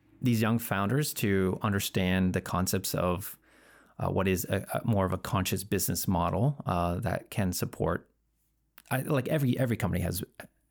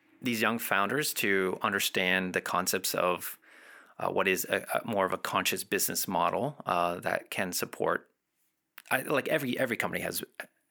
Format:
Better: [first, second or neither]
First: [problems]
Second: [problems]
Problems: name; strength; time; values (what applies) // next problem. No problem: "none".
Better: first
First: none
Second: thin; somewhat; fading below 300 Hz